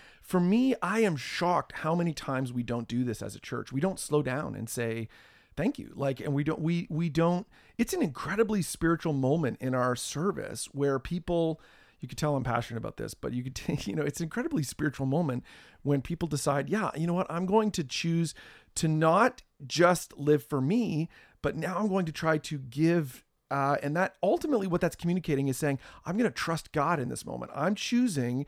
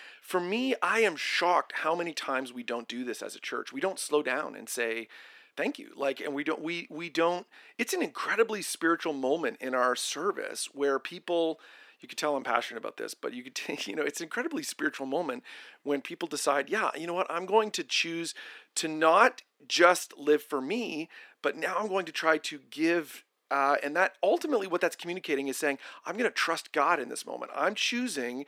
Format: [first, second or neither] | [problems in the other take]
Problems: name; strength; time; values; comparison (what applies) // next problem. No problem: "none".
first | thin; somewhat; fading below 300 Hz